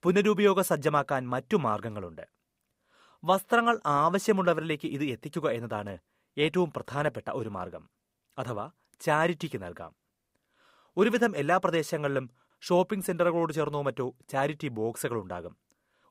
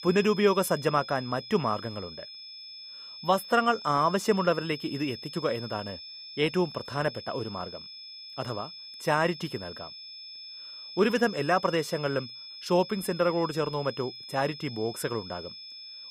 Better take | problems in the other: first | high-pitched whine; noticeable; throughout; 5 kHz, 10 dB below the speech

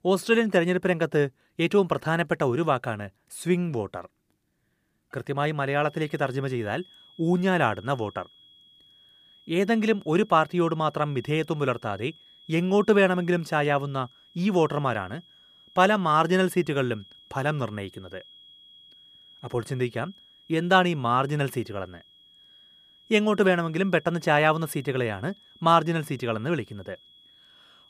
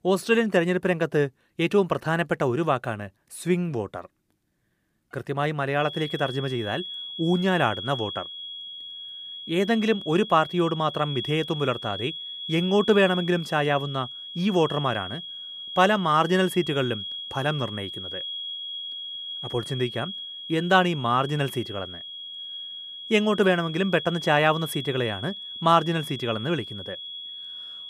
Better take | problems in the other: first | high-pitched whine; loud; from 6 s on; 3.5 kHz, 9 dB below the speech; faint in the first

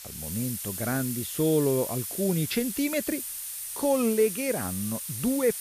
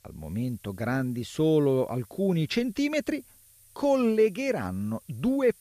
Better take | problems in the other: second | hiss; loud; throughout; 5 dB below the speech; faint in the second

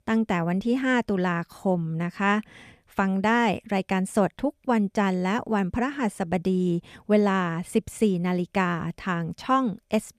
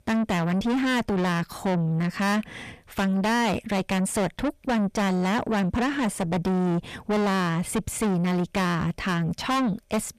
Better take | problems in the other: first | distortion; heavy; 6 dB below the speech

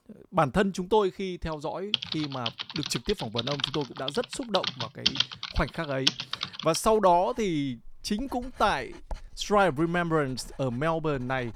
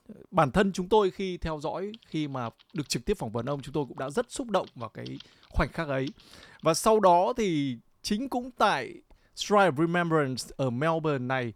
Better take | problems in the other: second | household noises; loud; throughout; 3 dB below the speech; faint in the second

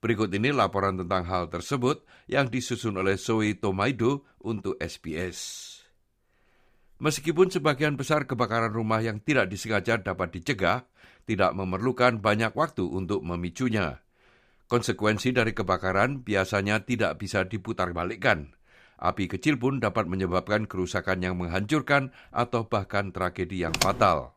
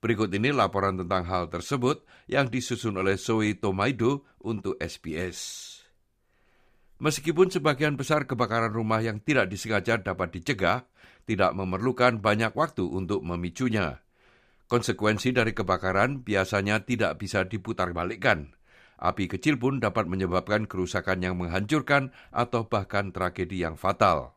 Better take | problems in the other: second | keyboard typing; noticeable; at 24 s; peak 1 dB below the speech

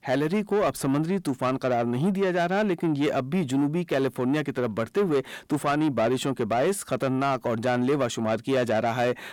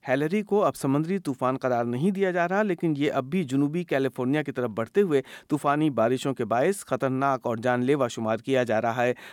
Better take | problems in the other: second | distortion; slight; 10 dB below the speech

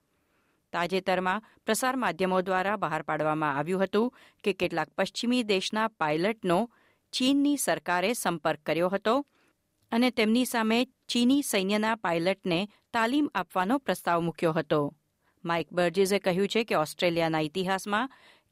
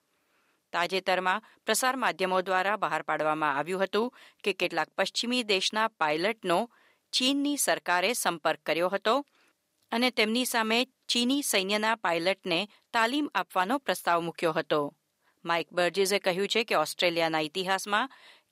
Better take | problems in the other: first | thin; very slightly; fading below 950 Hz

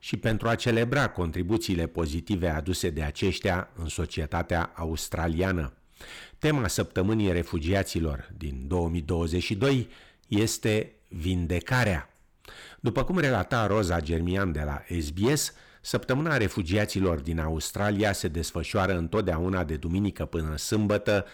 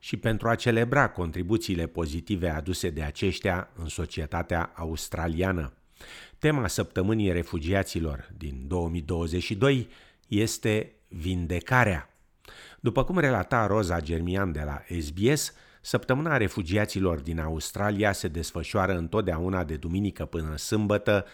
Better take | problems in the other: second | distortion; slight; 5% of the sound clipped

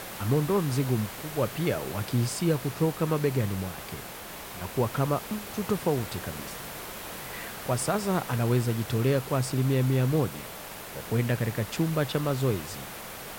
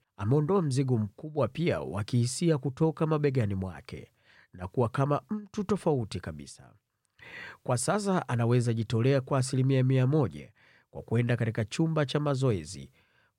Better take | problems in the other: second | hiss; loud; throughout; 10 dB below the speech

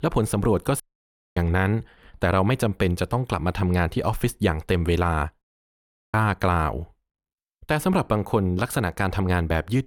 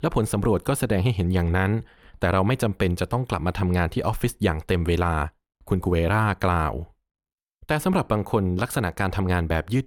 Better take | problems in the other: second | audio cutting out; at 1 s for 0.5 s and at 5.5 s for 0.5 s

